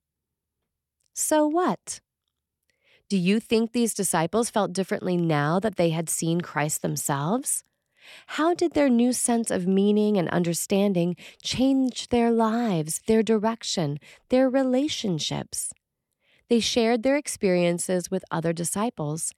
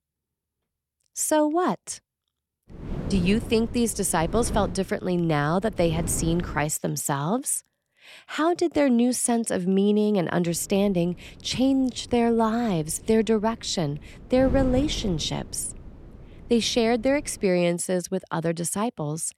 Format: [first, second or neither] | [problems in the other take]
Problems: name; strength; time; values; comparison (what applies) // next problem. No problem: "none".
first | wind noise on the microphone; occasional gusts; from 2.5 to 6.5 s and from 10 to 17 s; 15 dB below the speech